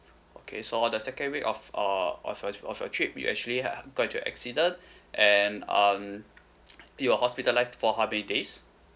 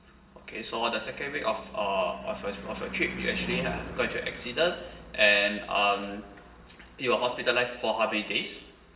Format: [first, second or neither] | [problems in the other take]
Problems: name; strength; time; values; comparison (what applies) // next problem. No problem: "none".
first | background sound (Car passing by / Engine / Truck); 14 dB below the speech // room echo; dies away in 1.1 s